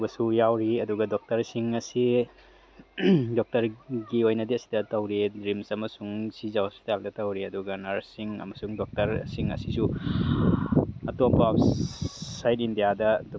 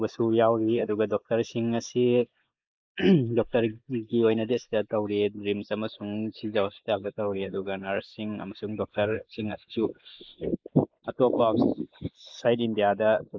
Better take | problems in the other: first | noise reduction (neural mask model Resemble Enhance denoiser)

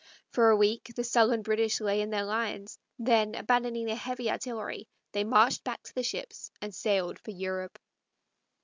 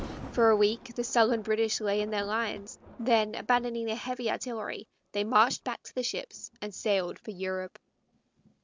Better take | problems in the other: first | background sound (Thunder); 20 dB below the speech

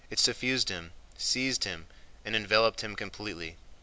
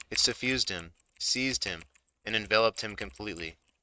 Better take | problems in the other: first | noise reduction (neural mask model RNNoise)

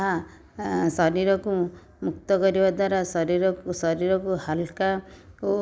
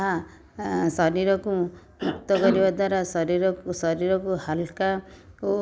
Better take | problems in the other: first | background sound (Cough); 5 dB below the speech

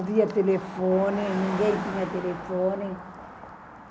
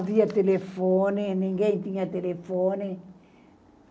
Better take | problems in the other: second | background sound (Car passing by); 10 dB below the speech

